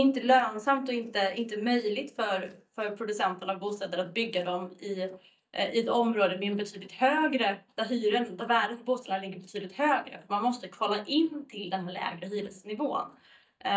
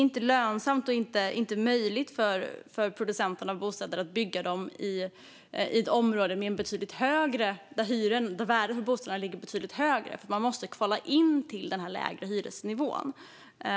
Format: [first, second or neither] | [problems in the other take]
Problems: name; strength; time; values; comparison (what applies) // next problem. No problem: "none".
second | noise reduction (neural mask model DeepFilterNet 3)